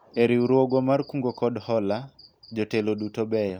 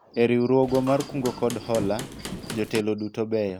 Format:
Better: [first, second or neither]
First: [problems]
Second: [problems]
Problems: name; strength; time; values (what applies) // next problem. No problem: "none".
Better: first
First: none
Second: background sound (Hammer / Wood); 11 dB below the speech